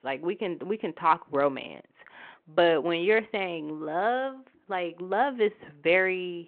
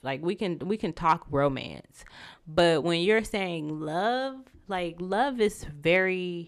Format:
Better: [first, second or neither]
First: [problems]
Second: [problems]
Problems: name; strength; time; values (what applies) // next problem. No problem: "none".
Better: second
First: phone-call audio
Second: none